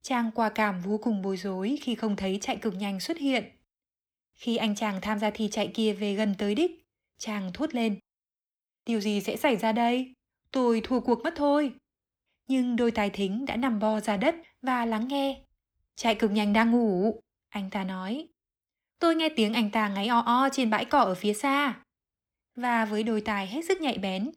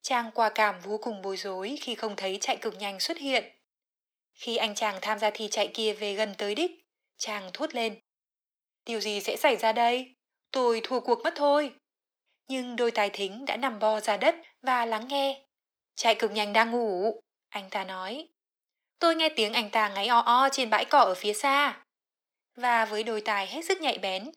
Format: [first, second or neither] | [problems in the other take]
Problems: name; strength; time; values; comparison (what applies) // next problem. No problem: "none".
first | thin; somewhat; fading below 550 Hz